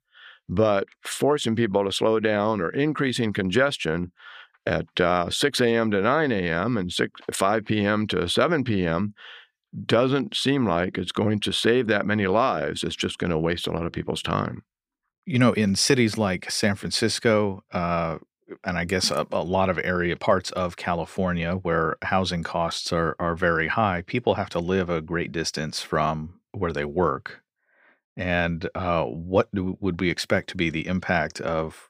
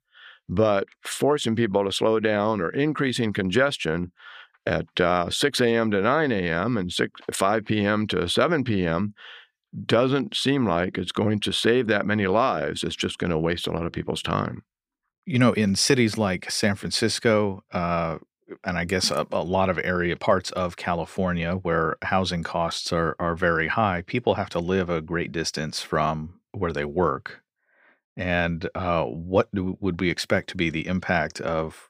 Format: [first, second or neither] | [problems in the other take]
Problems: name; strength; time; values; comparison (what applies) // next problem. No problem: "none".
neither | none